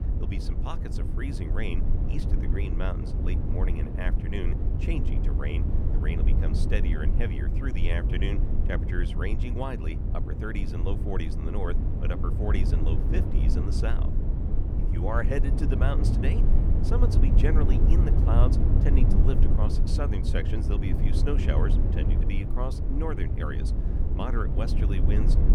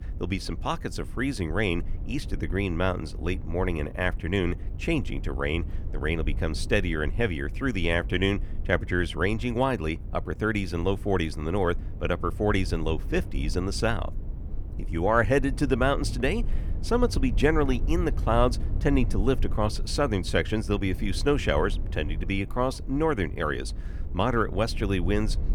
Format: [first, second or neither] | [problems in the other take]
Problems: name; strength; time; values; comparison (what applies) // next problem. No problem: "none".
second | low rumble; loud; throughout; 3 dB below the speech; faint in the second